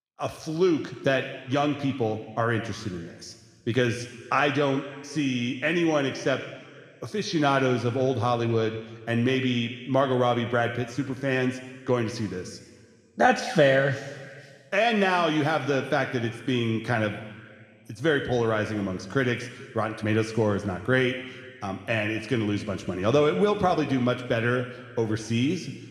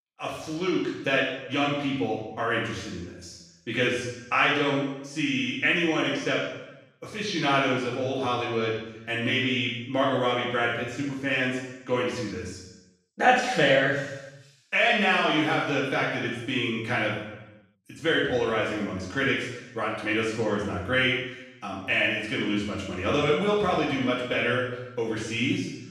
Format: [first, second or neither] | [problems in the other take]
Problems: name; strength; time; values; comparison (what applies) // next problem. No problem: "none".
first | room echo; strong; dies away in 0.9 s; slight in the first // off-mic speech; far